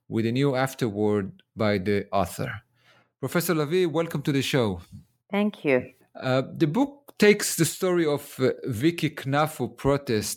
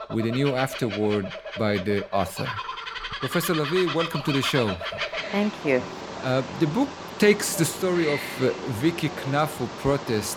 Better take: first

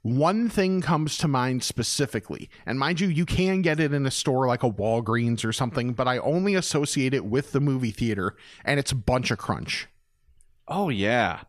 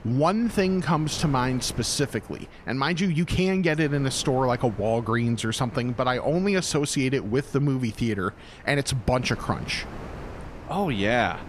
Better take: first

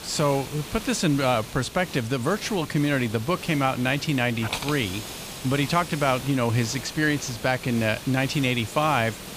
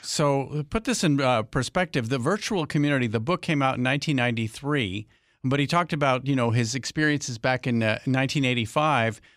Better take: second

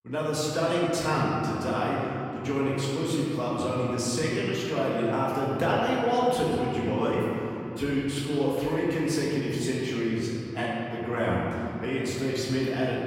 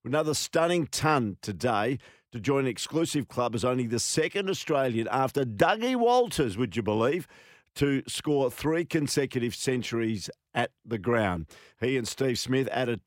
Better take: second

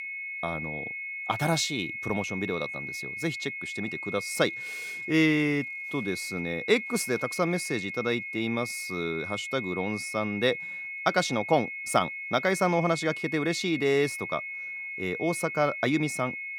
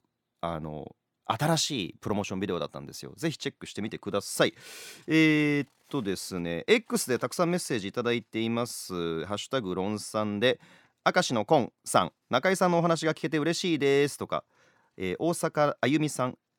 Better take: second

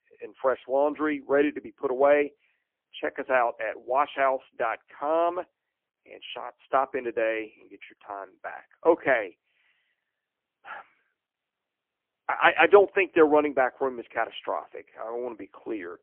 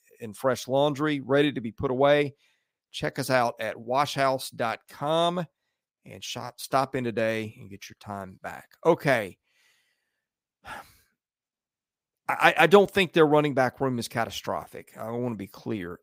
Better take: second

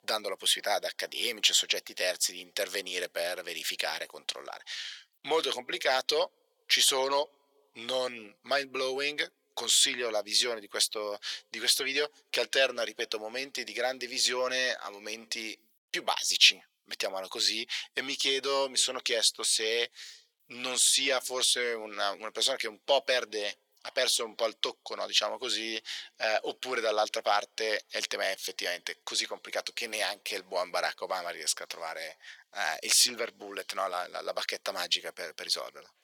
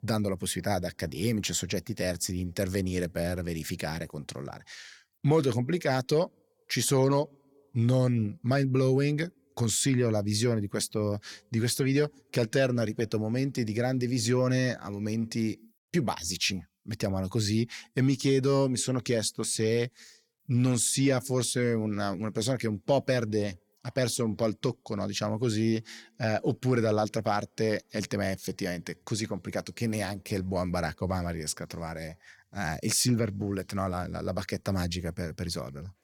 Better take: second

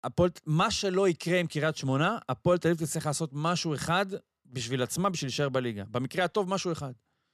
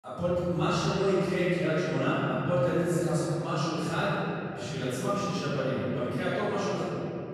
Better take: first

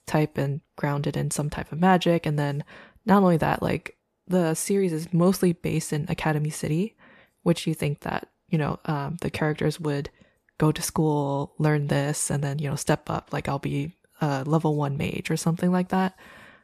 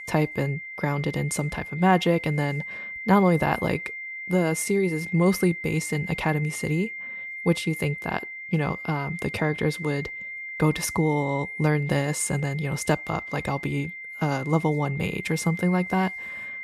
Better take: first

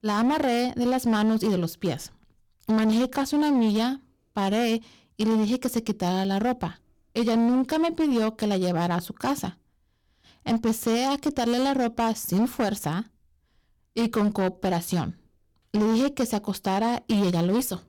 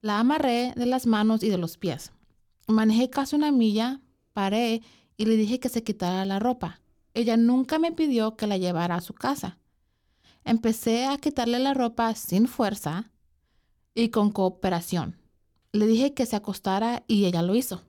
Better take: second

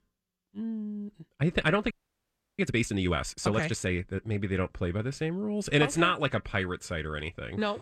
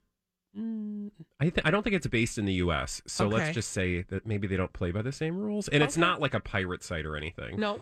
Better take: second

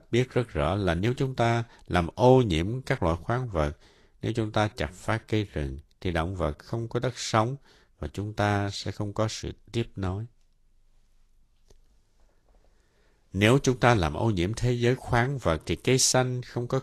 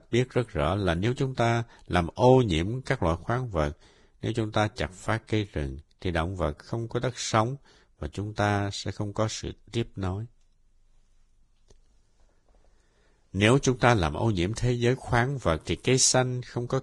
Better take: first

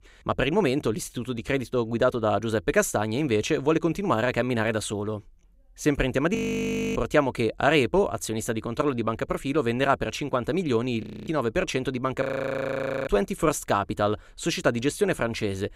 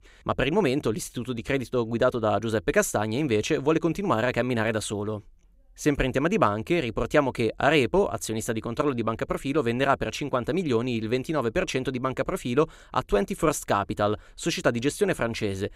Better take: second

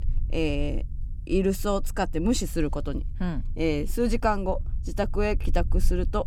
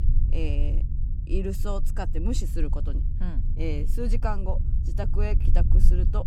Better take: first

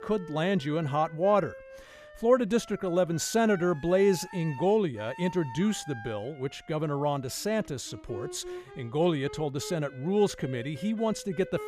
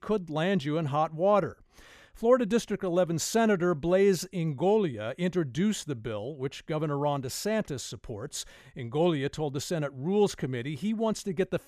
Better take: second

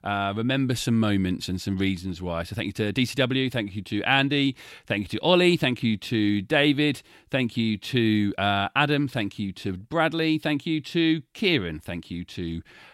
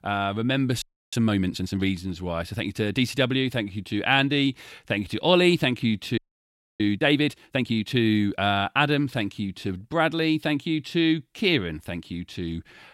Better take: first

